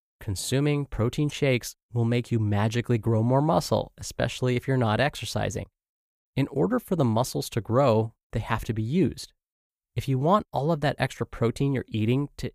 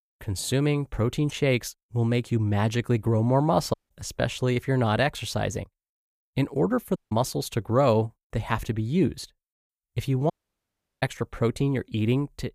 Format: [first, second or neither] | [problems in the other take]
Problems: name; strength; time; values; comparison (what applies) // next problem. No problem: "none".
first | audio cutting out; at 3.5 s, at 7 s and at 10 s for 0.5 s